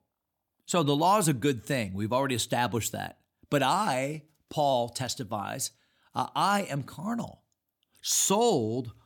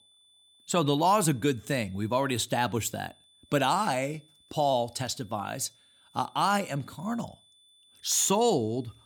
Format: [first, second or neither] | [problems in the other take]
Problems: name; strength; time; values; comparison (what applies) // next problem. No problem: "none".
first | high-pitched whine; faint; throughout; 3.5 kHz, 30 dB below the speech